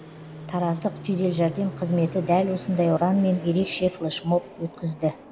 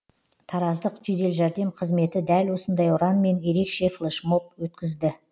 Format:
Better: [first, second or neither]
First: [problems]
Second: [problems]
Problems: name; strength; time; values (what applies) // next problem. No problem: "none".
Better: second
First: background sound (Fixed-wing aircraft, airplane); 15 dB below the speech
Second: none